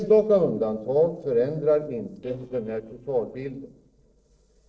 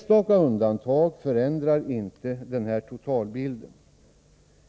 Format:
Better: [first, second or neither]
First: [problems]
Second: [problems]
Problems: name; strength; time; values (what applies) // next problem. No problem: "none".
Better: second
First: noise reduction (neural separator model SepFormer DNS4)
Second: none